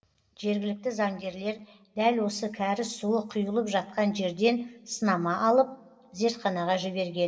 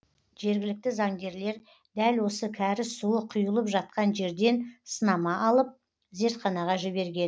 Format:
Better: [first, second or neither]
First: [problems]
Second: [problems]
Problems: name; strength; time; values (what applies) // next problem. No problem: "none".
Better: second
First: room echo; dies away in 0.8 s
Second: none